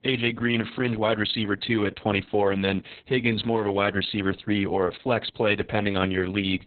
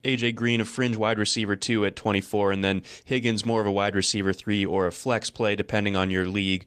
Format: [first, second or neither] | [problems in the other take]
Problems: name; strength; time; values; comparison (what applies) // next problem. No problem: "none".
second | garbled, watery; badly; nothing above 4 kHz; slightly in the second